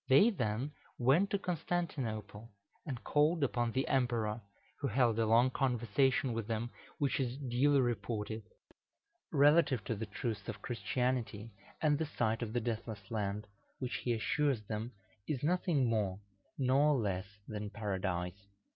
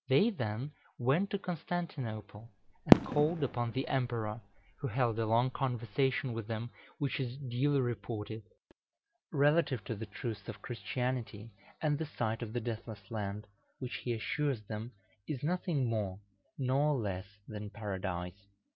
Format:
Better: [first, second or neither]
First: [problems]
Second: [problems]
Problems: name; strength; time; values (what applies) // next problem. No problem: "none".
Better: first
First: none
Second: background sound (Fireworks); as loud as the speech